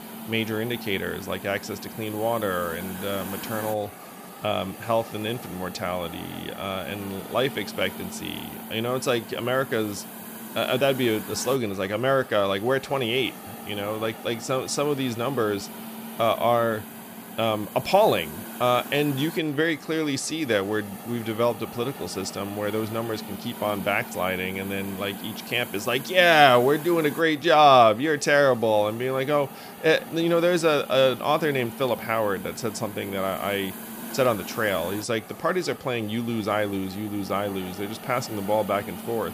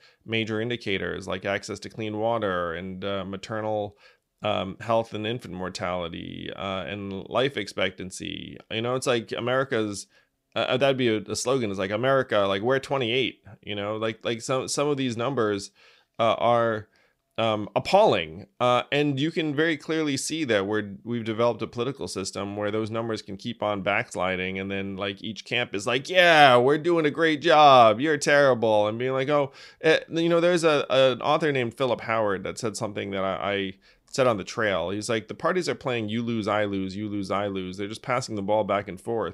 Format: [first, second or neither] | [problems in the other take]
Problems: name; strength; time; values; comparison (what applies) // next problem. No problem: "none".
second | hiss; noticeable; throughout; 15 dB below the speech